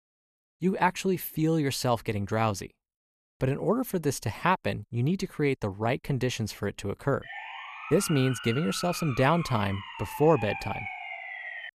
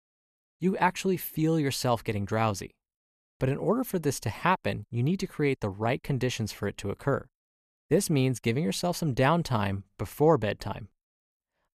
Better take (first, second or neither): second